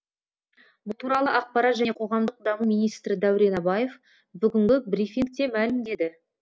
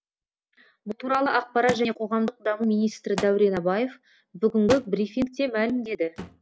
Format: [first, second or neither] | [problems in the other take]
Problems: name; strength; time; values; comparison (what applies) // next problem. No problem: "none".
first | background sound (Thump, thud); 15 dB below the speech